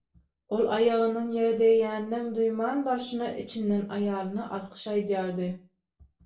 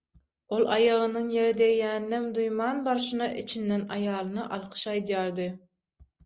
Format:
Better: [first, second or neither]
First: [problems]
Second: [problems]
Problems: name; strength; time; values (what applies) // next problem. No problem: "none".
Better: second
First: room echo; dies away in 0.3 s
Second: none